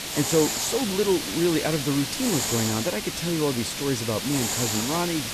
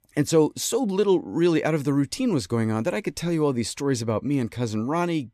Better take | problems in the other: second | hiss; loud; throughout; 1 dB below the speech

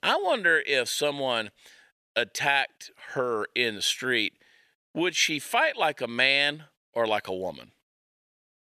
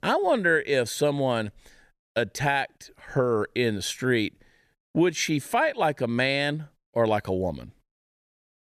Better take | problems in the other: second | thin; somewhat; fading below 700 Hz

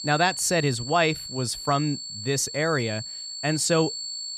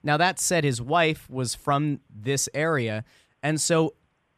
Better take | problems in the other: second | high-pitched whine; loud; throughout; 4.5 kHz, 8 dB below the speech

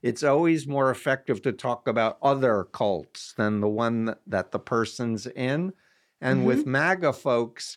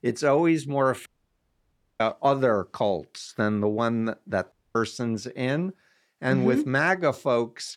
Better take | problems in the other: first | audio cutting out; at 1 s for 1 s and at 4.5 s

